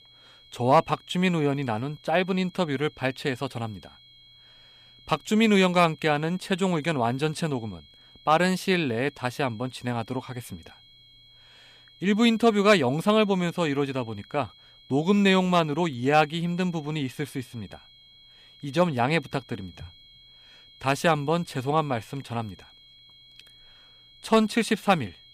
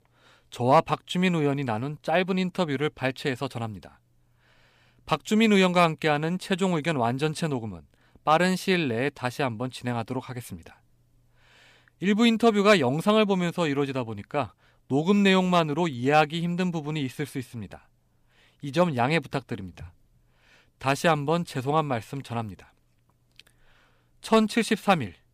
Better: second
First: high-pitched whine; faint; throughout; 3.5 kHz, 25 dB below the speech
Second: none

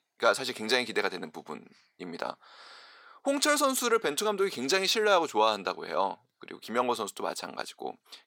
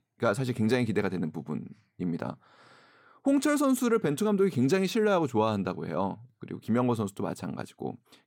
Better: second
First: thin; somewhat; fading below 600 Hz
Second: none

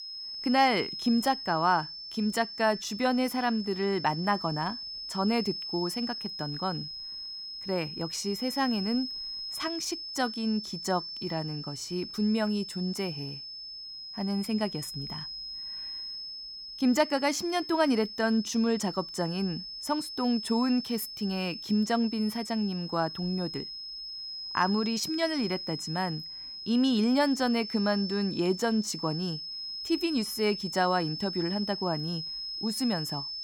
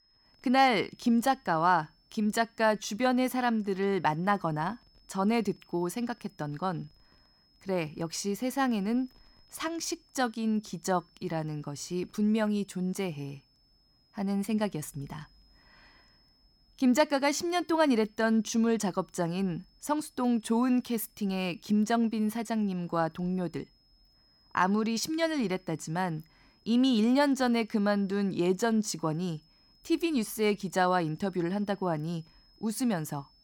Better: second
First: high-pitched whine; loud; throughout; 5 kHz, 7 dB below the speech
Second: high-pitched whine; faint; throughout; 5 kHz, 35 dB below the speech

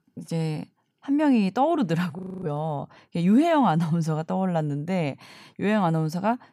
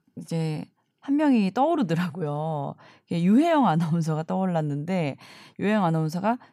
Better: second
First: audio freezing; at 2 s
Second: none

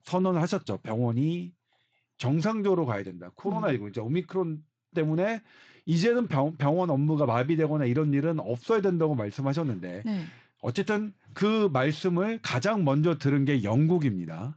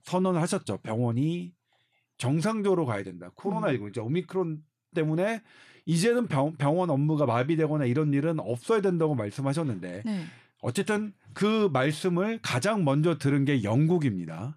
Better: second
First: garbled, watery; slightly; nothing above 7.5 kHz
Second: none

